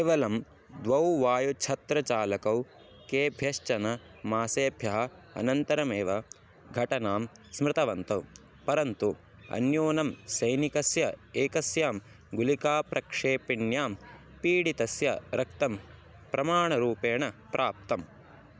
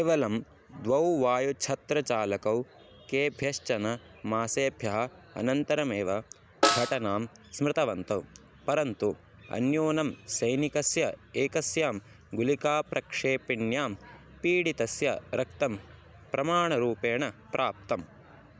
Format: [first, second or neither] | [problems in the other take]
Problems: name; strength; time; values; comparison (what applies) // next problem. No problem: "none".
first | background sound (Snare drum); 2 dB below the speech